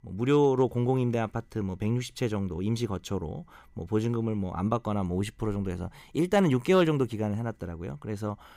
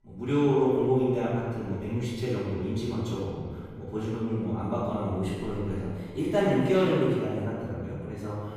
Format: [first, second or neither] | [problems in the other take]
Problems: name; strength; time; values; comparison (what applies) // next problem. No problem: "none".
first | off-mic speech; far // room echo; strong; dies away in 1.6 s